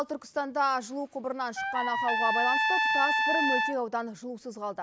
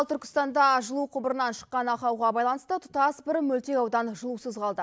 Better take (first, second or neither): second